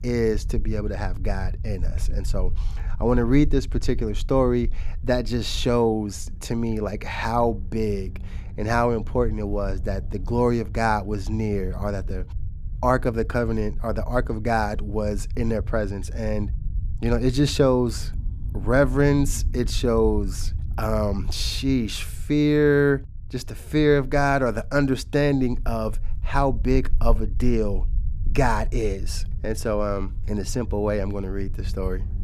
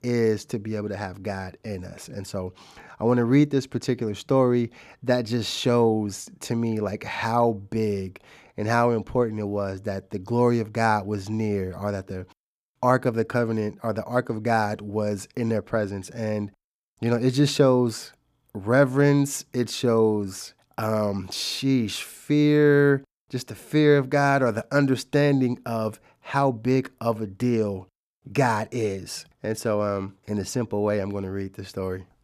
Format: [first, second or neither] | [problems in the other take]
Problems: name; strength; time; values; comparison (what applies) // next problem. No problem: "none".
second | low rumble; faint; throughout; 25 dB below the speech